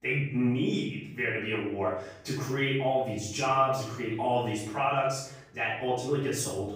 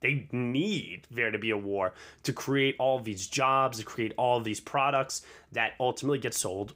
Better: second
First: off-mic speech; far // room echo; noticeable; dies away in 0.7 s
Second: none

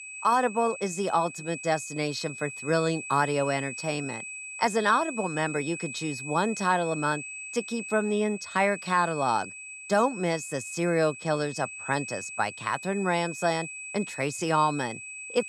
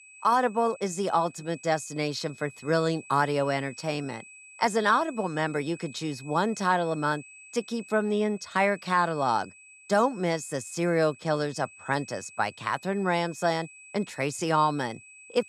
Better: second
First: high-pitched whine; loud; throughout; 2.5 kHz, 10 dB below the speech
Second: high-pitched whine; faint; throughout; 2.5 kHz, 20 dB below the speech

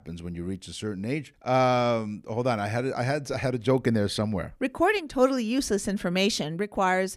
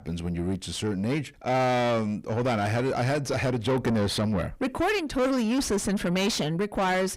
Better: first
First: none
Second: distortion; heavy; 7 dB below the speech

